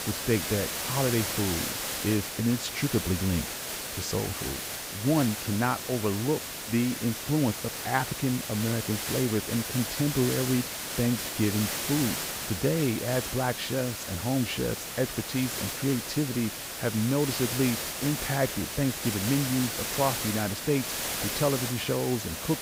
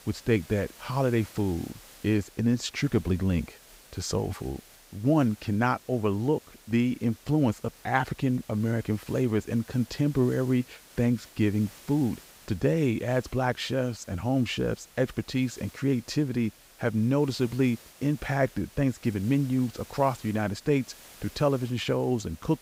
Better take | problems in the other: second | hiss; loud; throughout; 2 dB below the speech; faint in the second

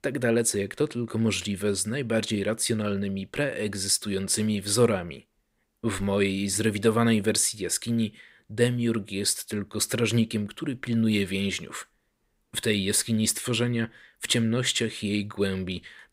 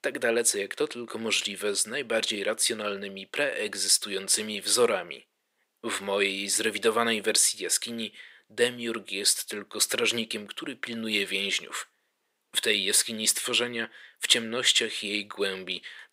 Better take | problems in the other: first | thin; somewhat; fading below 450 Hz

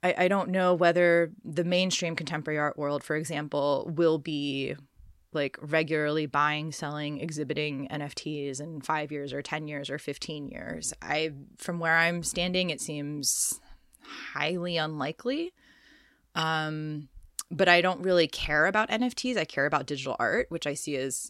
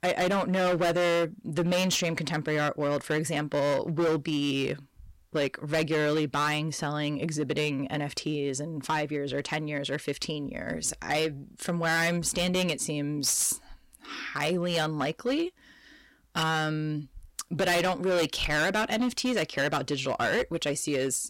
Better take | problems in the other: first | distortion; heavy; 12% of the sound clipped

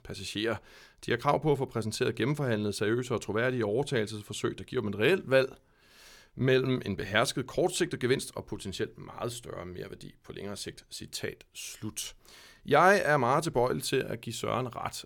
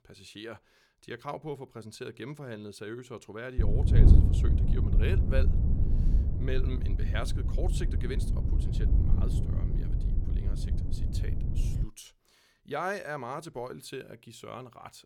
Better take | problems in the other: first | wind noise on the microphone; heavy; from 3.5 to 12 s; 3 dB below the speech

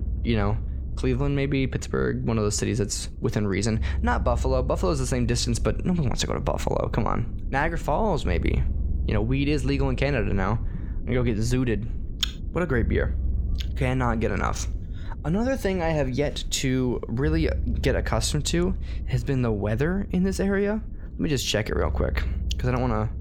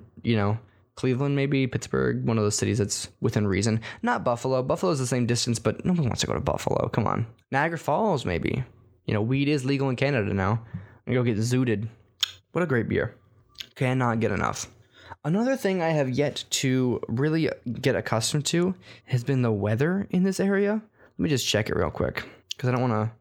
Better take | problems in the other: second | low rumble; noticeable; throughout; 20 dB below the speech

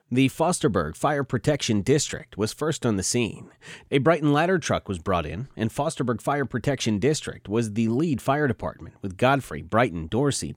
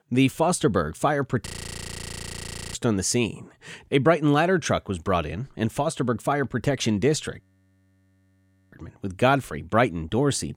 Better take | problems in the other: first | audio freezing; at 1.5 s for 1.5 s and at 7.5 s for 1.5 s

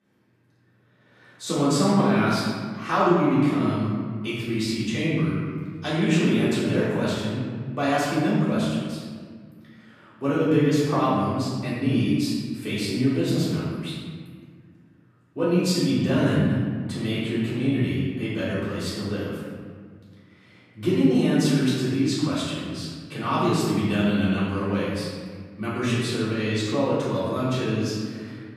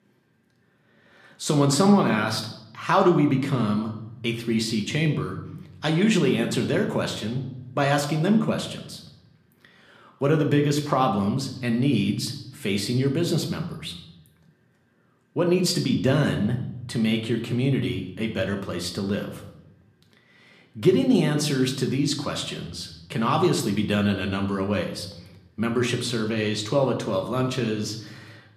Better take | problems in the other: second | room echo; strong; dies away in 1.7 s; slight in the second // off-mic speech; far

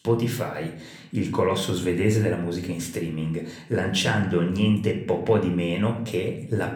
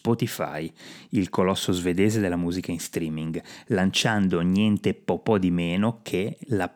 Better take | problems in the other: second | room echo; slight; dies away in 0.5 s // off-mic speech; somewhat distant

